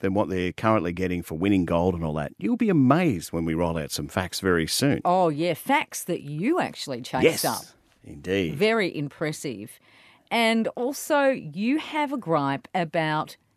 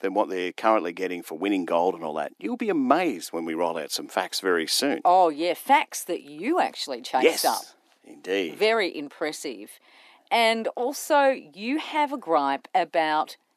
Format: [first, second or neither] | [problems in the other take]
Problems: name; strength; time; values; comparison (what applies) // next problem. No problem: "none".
first | thin; somewhat; fading below 300 Hz